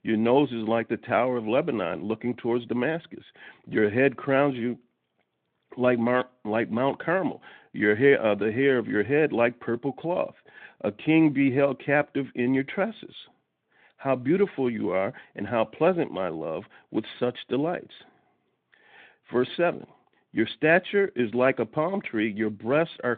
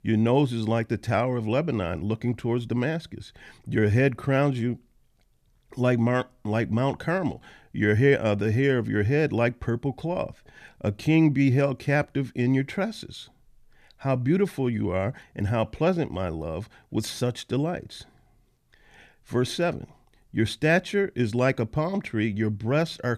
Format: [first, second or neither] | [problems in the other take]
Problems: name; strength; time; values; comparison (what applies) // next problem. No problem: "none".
second | phone-call audio; nothing above 3.5 kHz